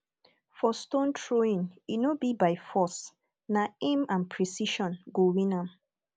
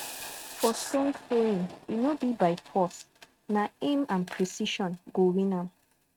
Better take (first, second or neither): first